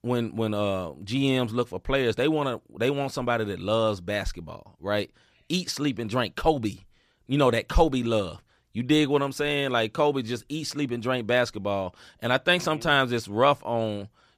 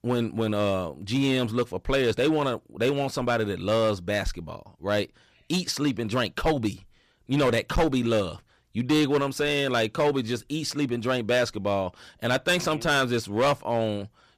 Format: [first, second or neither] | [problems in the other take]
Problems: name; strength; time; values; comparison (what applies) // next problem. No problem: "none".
first | distortion; slight; 6% of the sound clipped